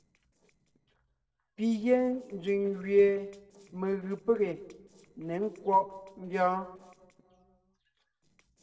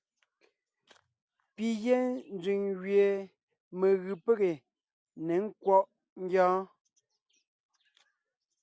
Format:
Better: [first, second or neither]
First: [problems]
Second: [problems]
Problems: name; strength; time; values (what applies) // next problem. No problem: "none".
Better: second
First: noise reduction (neural separator model SepFormer DNS4)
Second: none